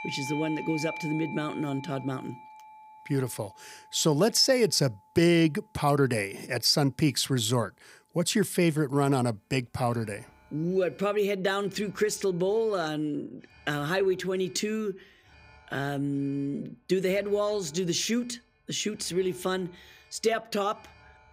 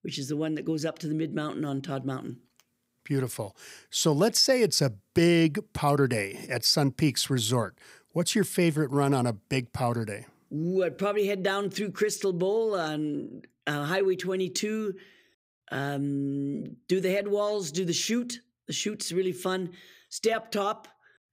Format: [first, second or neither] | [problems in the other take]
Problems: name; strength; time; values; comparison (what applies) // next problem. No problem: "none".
second | alarms or sirens; noticeable; throughout; 15 dB below the speech